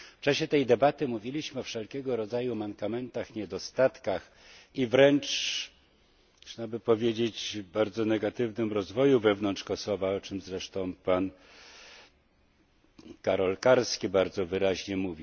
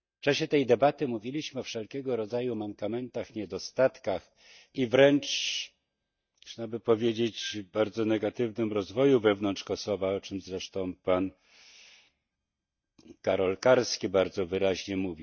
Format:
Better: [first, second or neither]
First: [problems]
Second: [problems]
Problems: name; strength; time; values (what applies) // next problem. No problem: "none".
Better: first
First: none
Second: noise reduction (neural mask model DeepFilterNet 3)